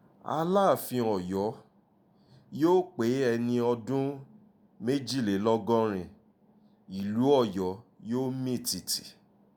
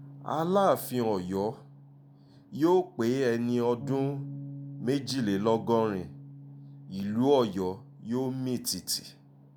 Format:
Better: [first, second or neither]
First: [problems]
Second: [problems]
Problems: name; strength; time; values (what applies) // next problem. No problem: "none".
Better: first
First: none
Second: background sound (Bass guitar); 15 dB below the speech